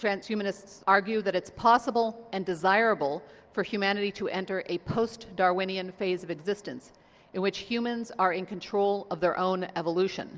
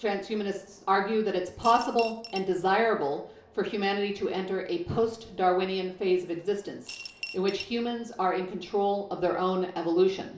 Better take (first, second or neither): first